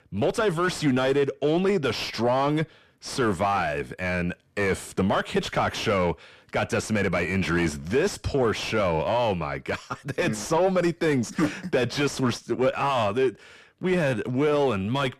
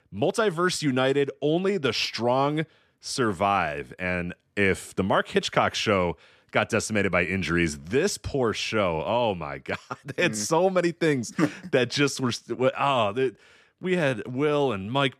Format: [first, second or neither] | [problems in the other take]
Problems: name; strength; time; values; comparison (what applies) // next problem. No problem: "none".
second | distortion; heavy; 8 dB below the speech